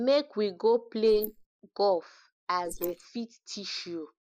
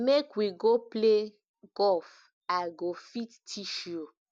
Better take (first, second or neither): second